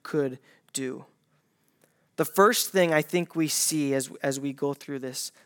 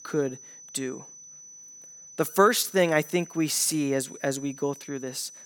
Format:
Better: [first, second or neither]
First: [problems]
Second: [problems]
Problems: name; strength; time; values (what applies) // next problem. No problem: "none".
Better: first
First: none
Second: high-pitched whine; noticeable; throughout; 6 kHz, 20 dB below the speech